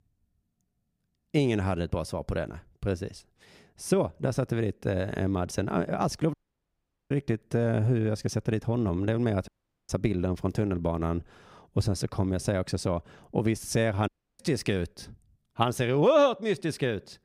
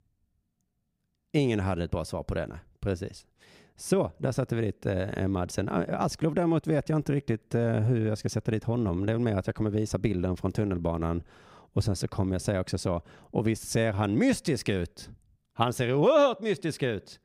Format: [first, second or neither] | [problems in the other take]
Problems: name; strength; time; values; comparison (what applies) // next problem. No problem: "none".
second | audio cutting out; at 6.5 s for 1 s, at 9.5 s and at 14 s